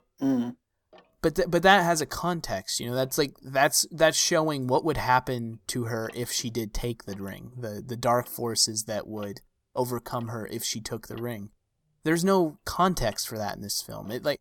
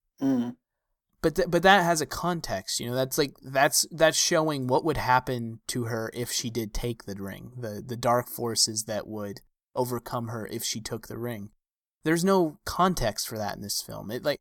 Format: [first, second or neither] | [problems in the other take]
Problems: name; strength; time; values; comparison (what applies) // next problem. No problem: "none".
second | household noises; faint; throughout; 30 dB below the speech